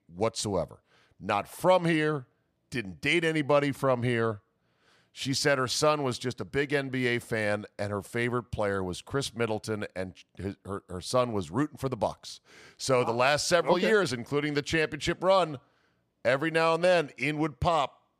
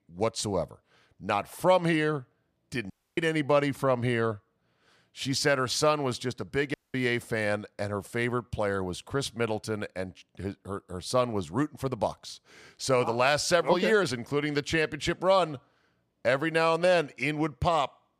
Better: first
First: none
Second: audio cutting out; at 3 s and at 6.5 s

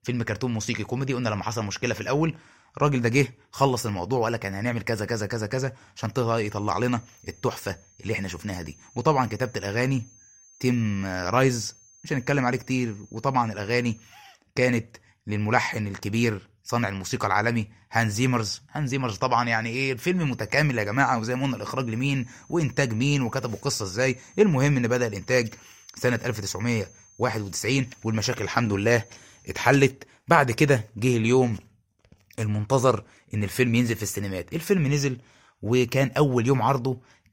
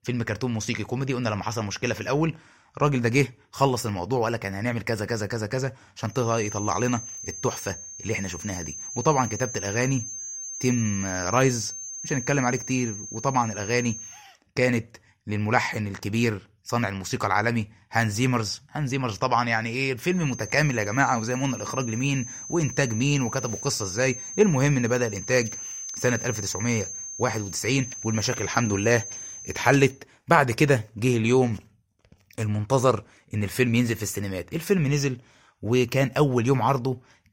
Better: first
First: high-pitched whine; faint; from 6 to 14 s and from 20 to 30 s; 6.5 kHz, 30 dB below the speech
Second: high-pitched whine; loud; from 6 to 14 s and from 20 to 30 s; 6.5 kHz, 9 dB below the speech

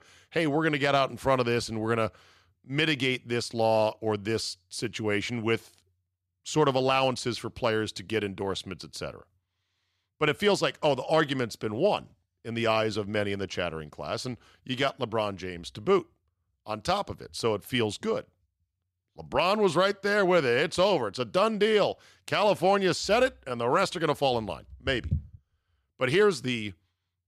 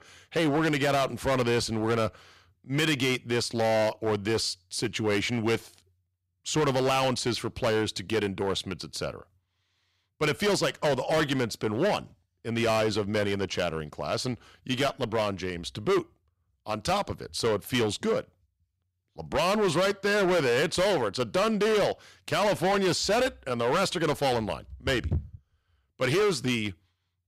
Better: first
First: none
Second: distortion; heavy; 12% of the sound clipped

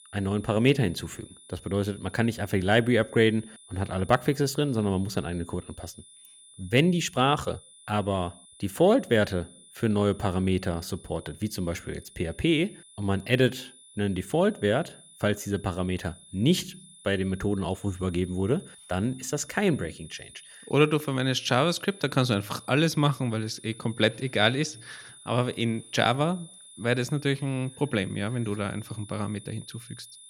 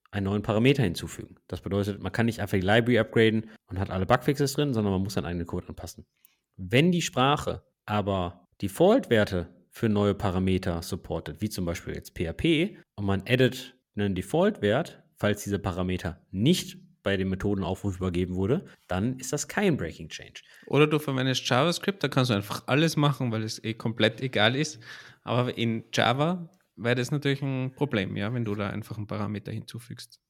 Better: second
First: high-pitched whine; faint; throughout; 10 kHz, 20 dB below the speech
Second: none

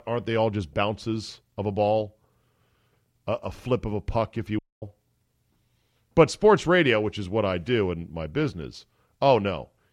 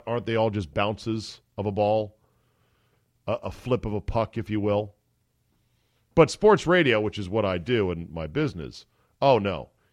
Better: second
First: audio cutting out; at 4.5 s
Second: none

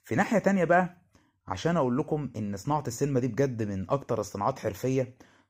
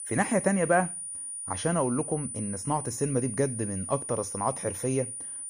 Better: first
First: none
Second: high-pitched whine; loud; throughout; 9.5 kHz, 5 dB below the speech

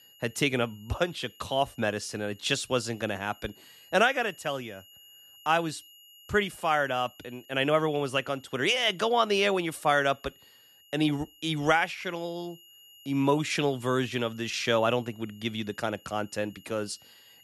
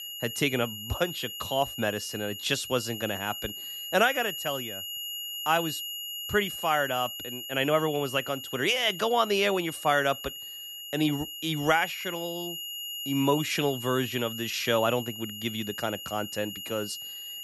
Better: first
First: high-pitched whine; faint; throughout; 3 kHz, 25 dB below the speech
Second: high-pitched whine; loud; throughout; 3 kHz, 7 dB below the speech

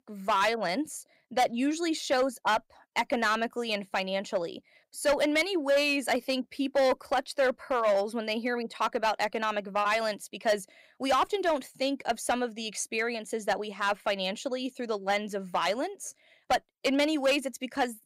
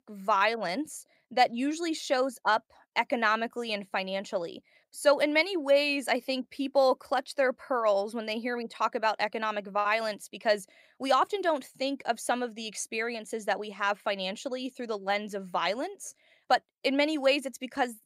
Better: second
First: distortion; slight; 5% of the sound clipped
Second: none

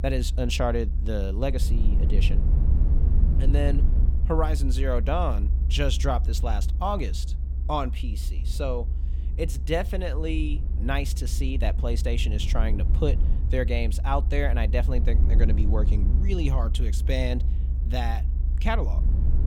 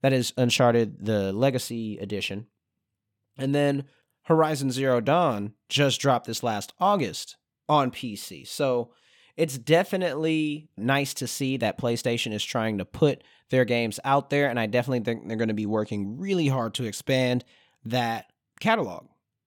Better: second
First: low rumble; noticeable; throughout; 15 dB below the speech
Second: none

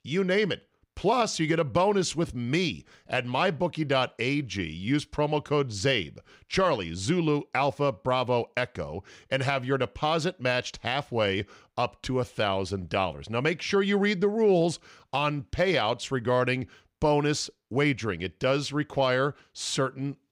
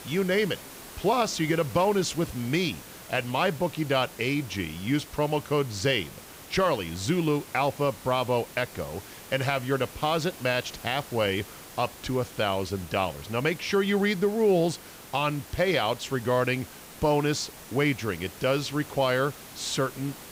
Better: first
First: none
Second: hiss; noticeable; throughout; 15 dB below the speech

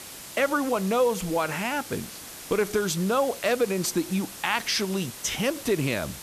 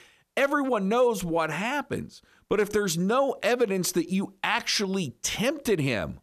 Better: second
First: hiss; noticeable; throughout; 10 dB below the speech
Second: none

